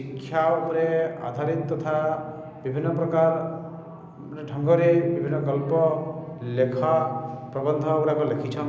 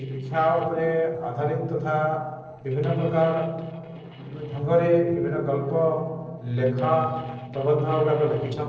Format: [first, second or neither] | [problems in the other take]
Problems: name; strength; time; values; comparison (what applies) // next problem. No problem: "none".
first | noise reduction (neural separator model SepFormer DNS4)